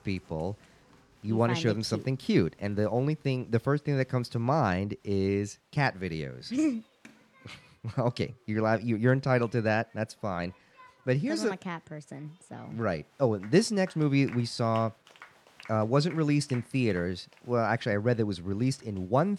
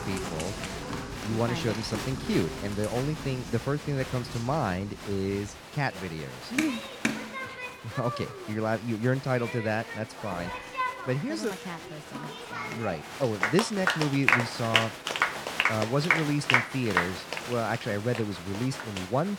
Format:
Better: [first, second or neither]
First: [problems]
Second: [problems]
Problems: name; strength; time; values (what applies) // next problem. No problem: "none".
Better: first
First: crowd noise; faint; throughout; 25 dB below the speech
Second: crowd noise; loud; throughout; 1 dB below the speech